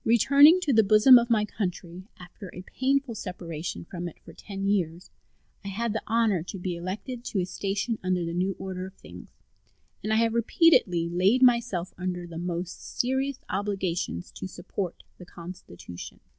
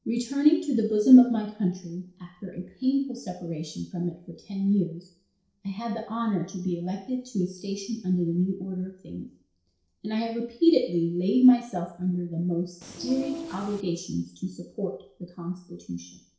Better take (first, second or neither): first